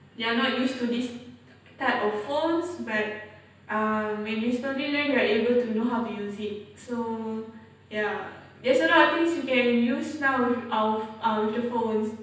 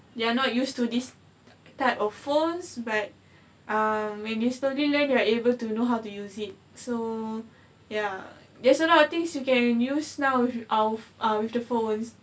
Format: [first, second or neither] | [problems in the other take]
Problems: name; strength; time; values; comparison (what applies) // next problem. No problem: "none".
second | room echo; dies away in 0.9 s